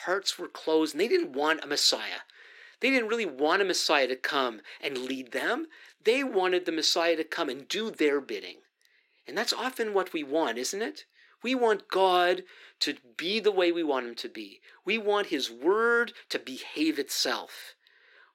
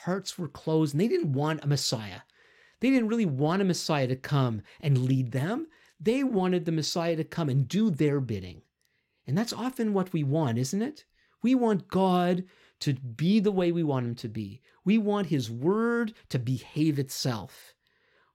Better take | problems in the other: second | thin; very; fading below 300 Hz

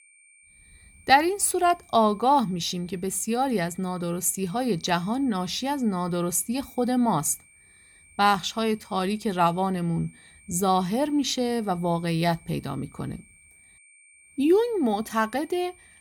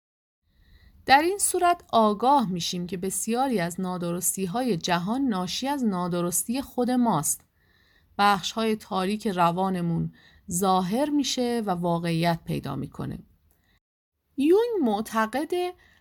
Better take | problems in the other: second | high-pitched whine; faint; throughout; 2.5 kHz, 30 dB below the speech

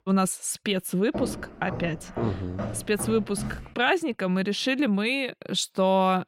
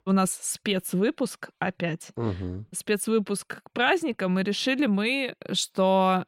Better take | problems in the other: second | footsteps; noticeable; from 1 to 3.5 s; peak 7 dB below the speech

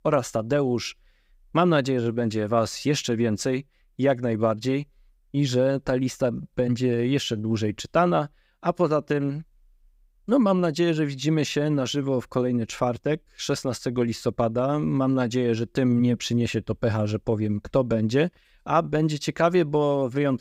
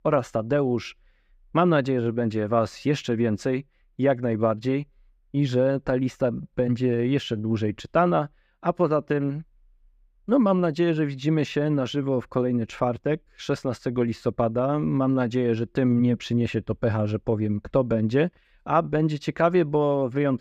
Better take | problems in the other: first | muffled; slightly; fading above 4 kHz

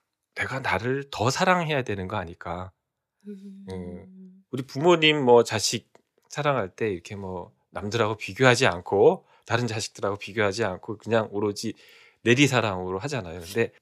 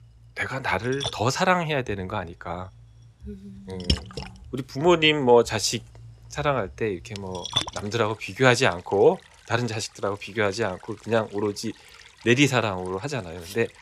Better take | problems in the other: first | rain or running water; loud; throughout; 9 dB below the speech

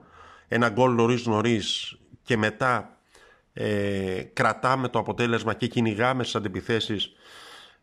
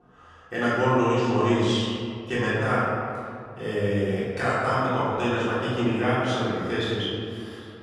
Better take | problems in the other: first | off-mic speech; far // room echo; strong; dies away in 2.2 s

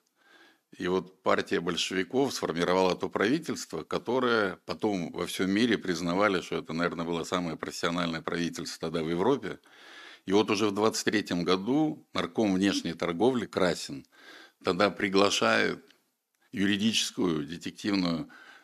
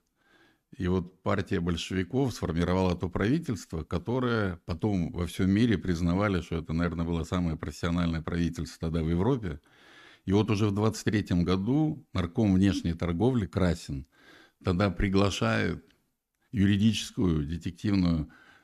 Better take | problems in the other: second | thin; somewhat; fading below 350 Hz

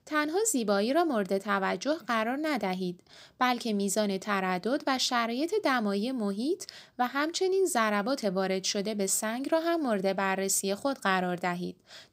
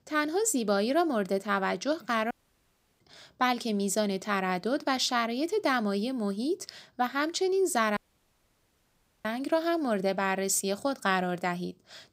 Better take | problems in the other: first | audio cutting out; at 2.5 s for 0.5 s and at 8 s for 1.5 s

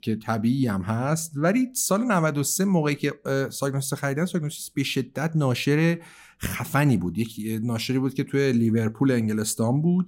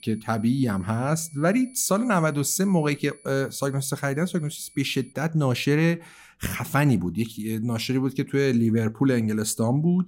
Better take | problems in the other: first | high-pitched whine; faint; until 5 s; 10 kHz, 25 dB below the speech

